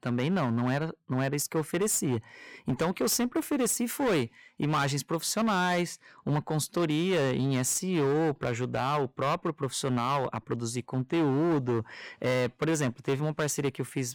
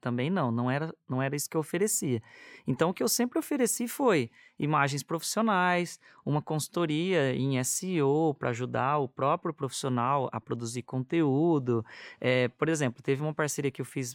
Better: second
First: distortion; slight; 13% of the sound clipped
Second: none

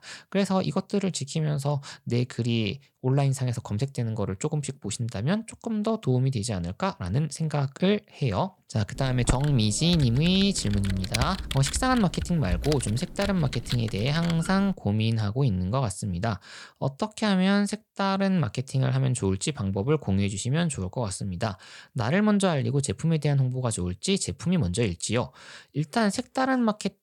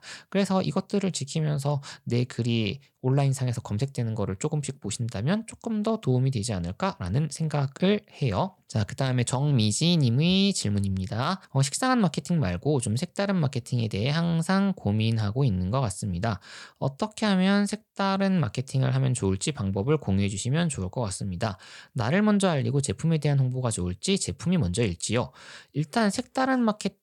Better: second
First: keyboard typing; noticeable; from 9 to 15 s; peak 3 dB below the speech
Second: none

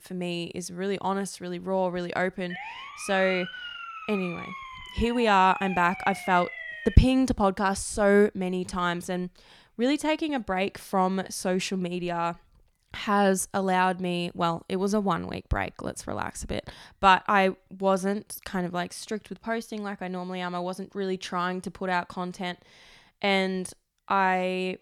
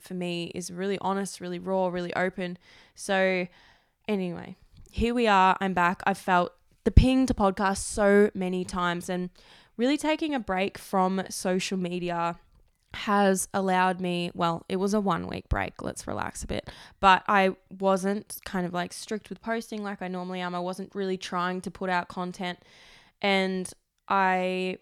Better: second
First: siren; noticeable; from 2.5 to 7 s; peak 9 dB below the speech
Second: none

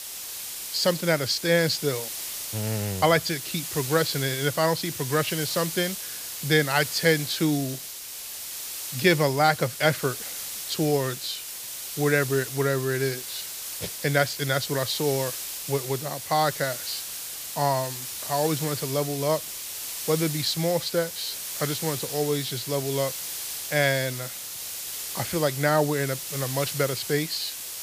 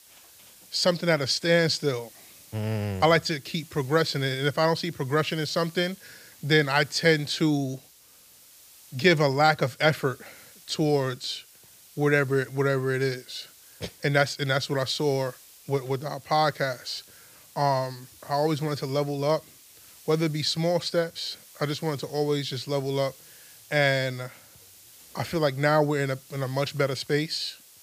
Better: second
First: hiss; loud; throughout; 6 dB below the speech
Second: hiss; faint; throughout; 25 dB below the speech

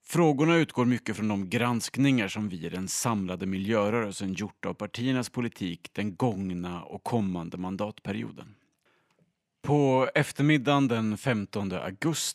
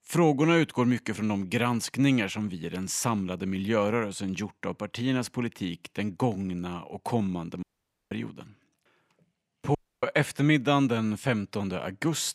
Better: first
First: none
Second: audio cutting out; at 7.5 s and at 10 s

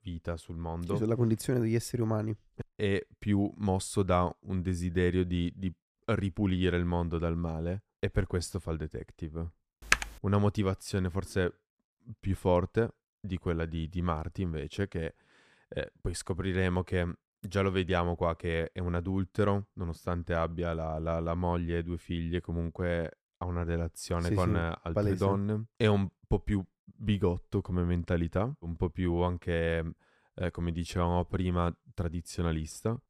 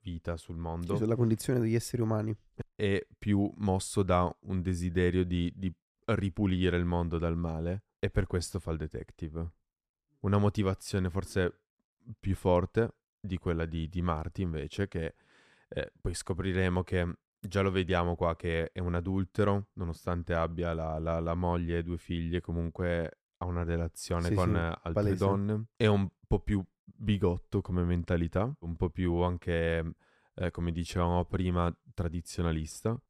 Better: second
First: keyboard typing; loud; at 10 s; peak 3 dB above the speech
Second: none

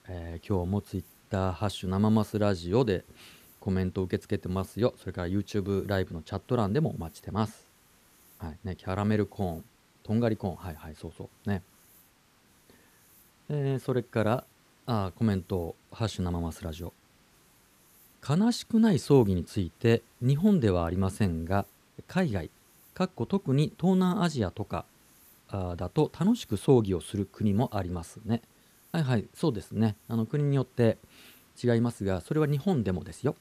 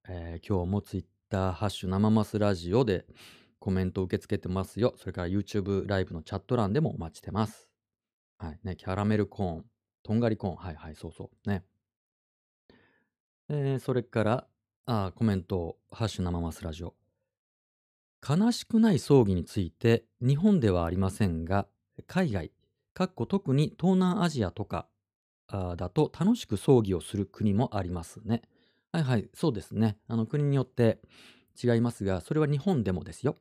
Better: second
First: hiss; faint; throughout; 30 dB below the speech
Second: none

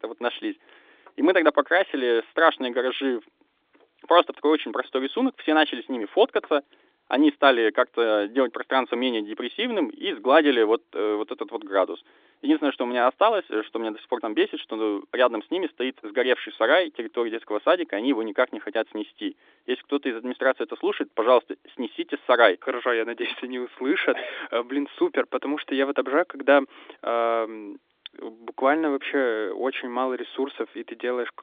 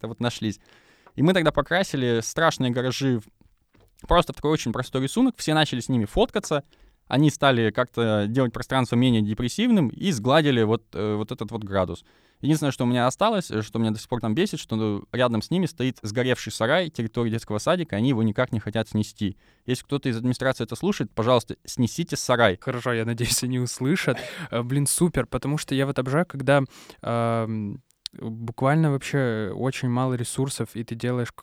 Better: second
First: phone-call audio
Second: none

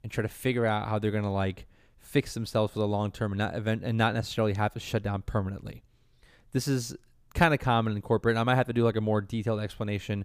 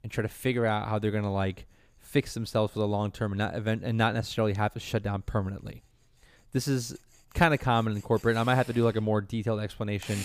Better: first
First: none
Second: machinery noise; faint; throughout; 20 dB below the speech

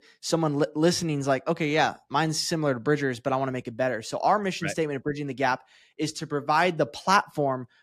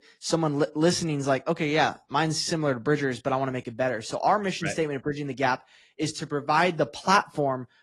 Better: first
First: none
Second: garbled, watery; slightly; nothing above 11 kHz

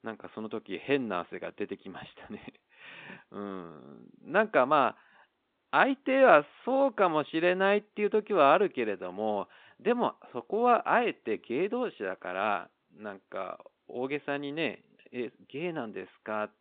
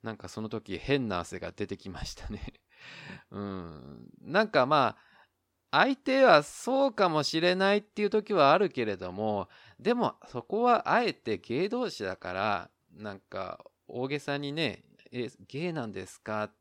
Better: second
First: phone-call audio; nothing above 4 kHz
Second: none

